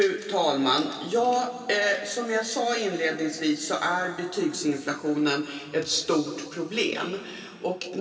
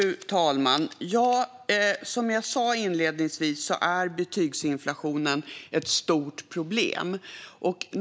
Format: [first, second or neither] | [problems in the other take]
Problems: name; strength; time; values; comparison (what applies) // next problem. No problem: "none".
second | room echo; dies away in 2.4 s